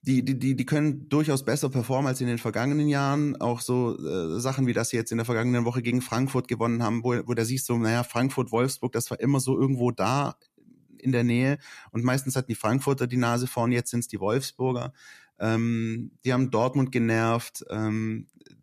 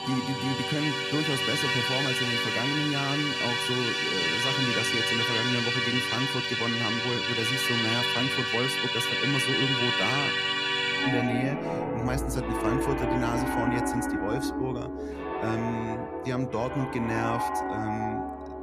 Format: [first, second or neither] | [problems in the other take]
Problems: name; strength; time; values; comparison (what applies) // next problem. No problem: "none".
first | background music; very loud; throughout; 5 dB above the speech